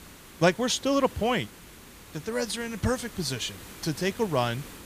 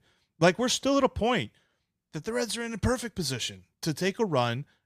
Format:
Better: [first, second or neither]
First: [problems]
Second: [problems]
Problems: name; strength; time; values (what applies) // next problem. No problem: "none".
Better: second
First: hiss; noticeable; throughout; 15 dB below the speech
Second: none